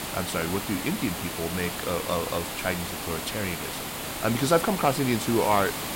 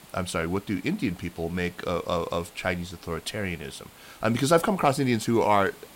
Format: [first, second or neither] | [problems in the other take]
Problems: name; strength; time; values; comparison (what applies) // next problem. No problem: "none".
second | hiss; loud; throughout; 4 dB below the speech; faint in the second